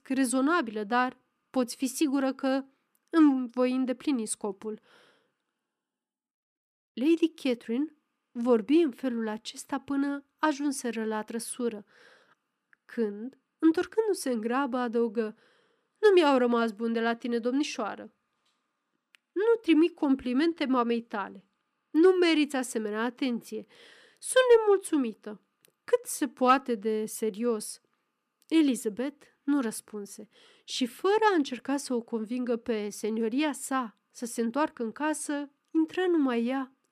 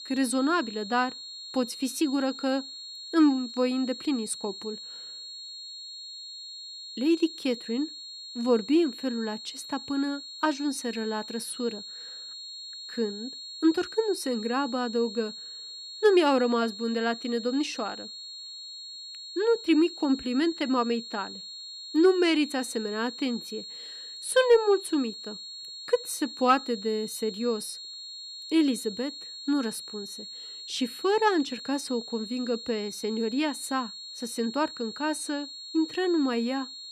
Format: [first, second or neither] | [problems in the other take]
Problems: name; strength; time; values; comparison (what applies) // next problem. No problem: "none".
first | high-pitched whine; noticeable; throughout; 4.5 kHz, 10 dB below the speech